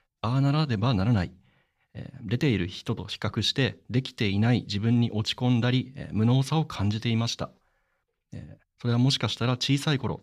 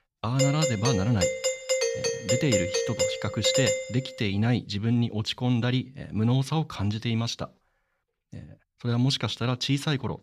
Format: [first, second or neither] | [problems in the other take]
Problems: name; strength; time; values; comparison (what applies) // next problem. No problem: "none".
first | doorbell; loud; until 4 s; peak 3 dB above the speech